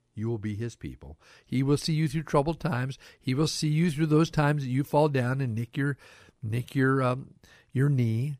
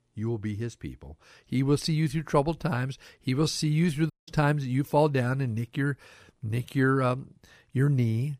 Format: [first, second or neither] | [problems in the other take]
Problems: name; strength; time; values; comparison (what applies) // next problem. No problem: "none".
first | audio cutting out; at 4 s